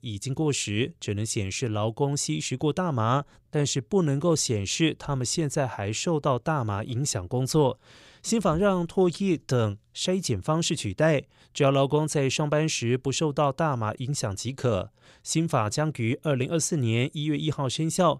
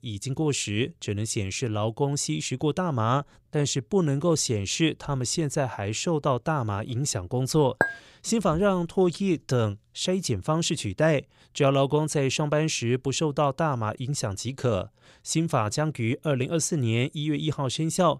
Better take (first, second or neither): first